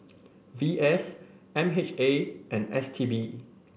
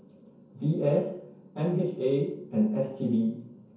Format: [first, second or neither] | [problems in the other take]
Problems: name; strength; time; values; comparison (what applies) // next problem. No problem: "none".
first | room echo; dies away in 0.6 s